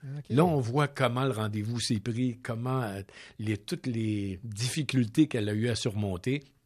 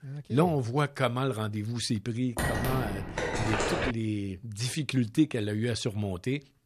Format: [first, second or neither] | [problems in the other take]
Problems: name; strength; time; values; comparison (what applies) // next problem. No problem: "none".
first | phone ringing; loud; from 2.5 to 4 s; peak 2 dB above the speech